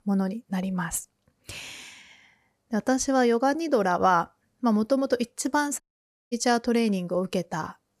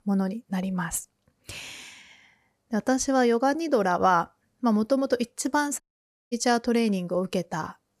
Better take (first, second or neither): neither